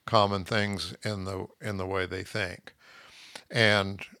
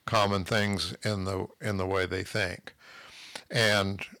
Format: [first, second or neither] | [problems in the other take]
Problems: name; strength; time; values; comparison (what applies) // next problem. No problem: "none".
first | distortion; heavy; 2% of the sound clipped